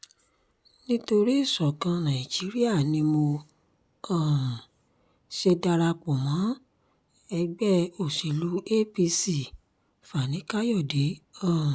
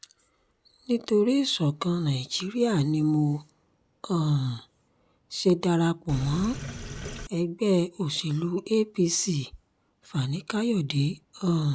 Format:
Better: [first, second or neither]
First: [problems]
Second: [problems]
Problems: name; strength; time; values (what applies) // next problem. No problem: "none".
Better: first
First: none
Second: background sound (Sink (filling or washing)); 9 dB below the speech